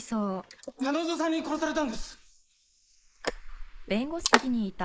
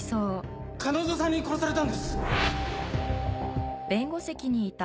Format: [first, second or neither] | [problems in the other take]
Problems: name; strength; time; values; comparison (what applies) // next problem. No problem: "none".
second | noise reduction (neural mask model Resemble Enhance denoiser)